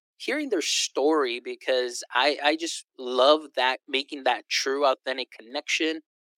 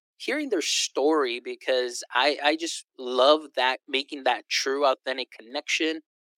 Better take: neither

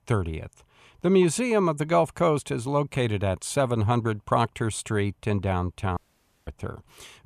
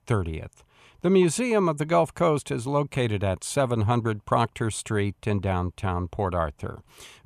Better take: second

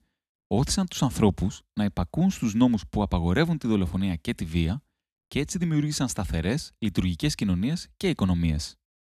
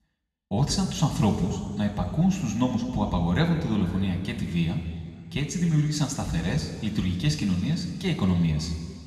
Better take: first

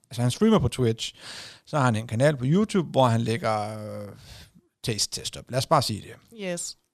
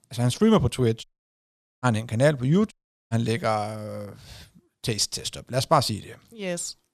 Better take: first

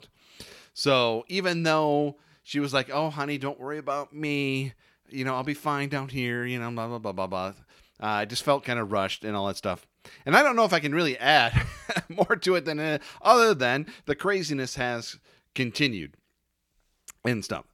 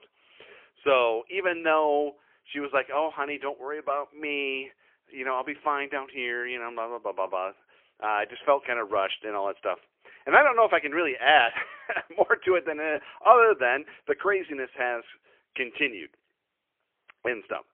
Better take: first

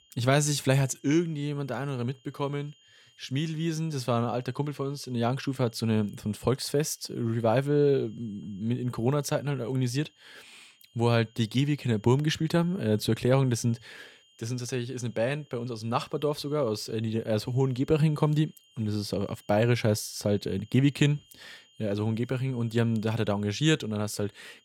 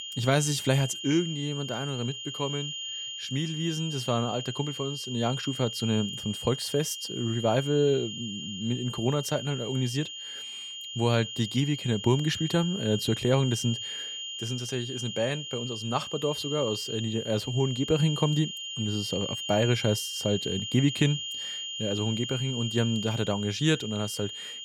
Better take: first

